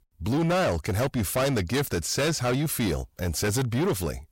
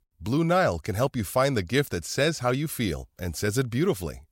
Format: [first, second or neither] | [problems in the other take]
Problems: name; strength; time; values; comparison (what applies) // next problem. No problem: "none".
second | distortion; heavy; 7 dB below the speech